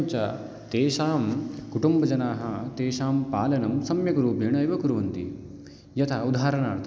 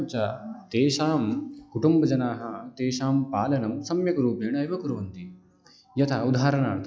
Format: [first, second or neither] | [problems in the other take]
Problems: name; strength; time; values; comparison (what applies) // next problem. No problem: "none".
first | noise reduction (classical method log-MMSE)